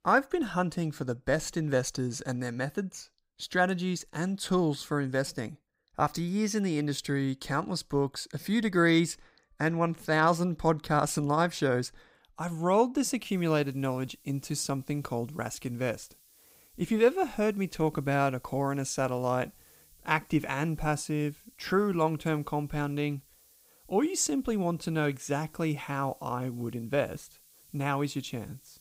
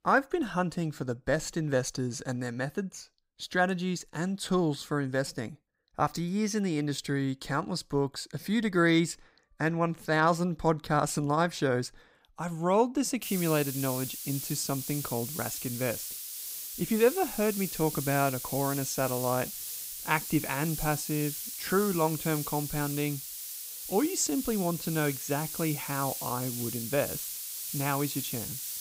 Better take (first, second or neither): first